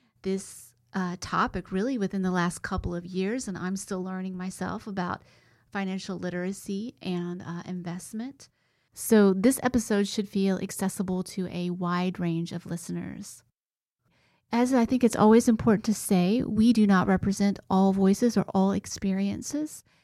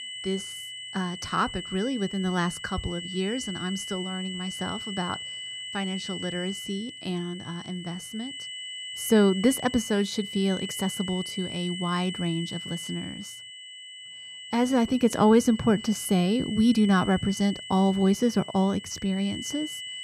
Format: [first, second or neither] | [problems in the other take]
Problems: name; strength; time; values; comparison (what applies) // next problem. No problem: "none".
first | high-pitched whine; loud; throughout; 3 kHz, 9 dB below the speech